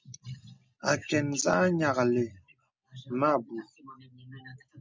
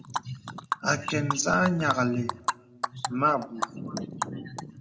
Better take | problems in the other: first | background sound (Animal); 6 dB below the speech // room echo; dies away in 0.5 s

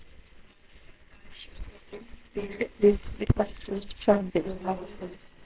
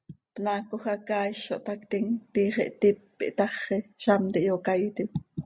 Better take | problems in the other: second | noise reduction (neural separator model SepFormer WHAMR!)

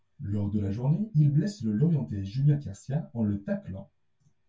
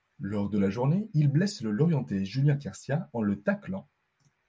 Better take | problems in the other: second | room echo; dies away in 0.1 s

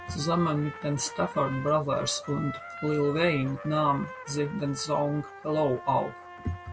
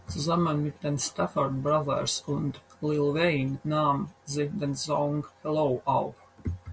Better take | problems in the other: second | background sound (Trumpet); 14 dB below the speech

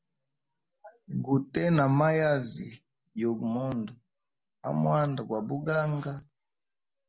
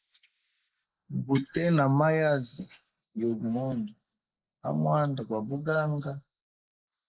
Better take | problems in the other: first | noise reduction (neural mask model Resemble Enhance denoiser)

